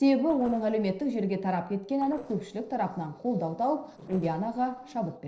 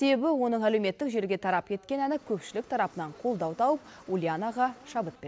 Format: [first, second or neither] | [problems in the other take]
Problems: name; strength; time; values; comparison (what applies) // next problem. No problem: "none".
second | noise reduction (neural separator model SepFormer DNS4)